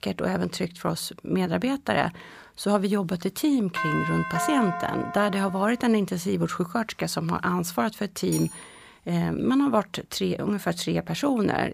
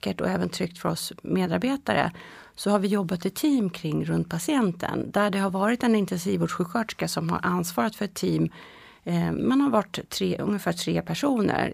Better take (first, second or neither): second